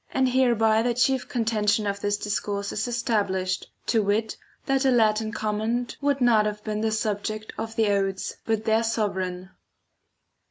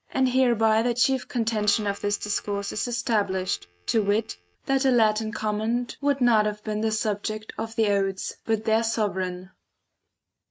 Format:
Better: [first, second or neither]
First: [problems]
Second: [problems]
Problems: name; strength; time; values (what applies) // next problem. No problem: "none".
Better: first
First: none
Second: noise reduction (neural mask model RNNoise)